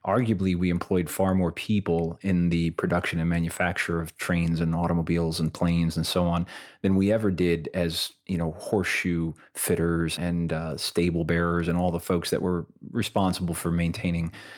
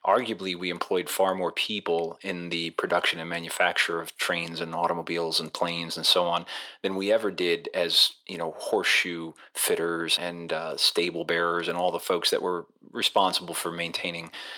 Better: first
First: none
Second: thin; very; fading below 500 Hz

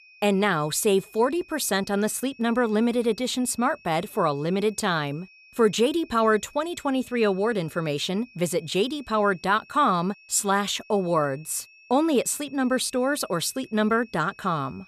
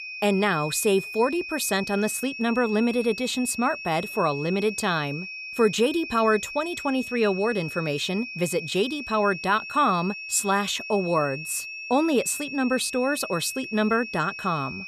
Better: first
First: high-pitched whine; faint; throughout; 2.5 kHz, 25 dB below the speech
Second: high-pitched whine; loud; throughout; 2.5 kHz, 9 dB below the speech

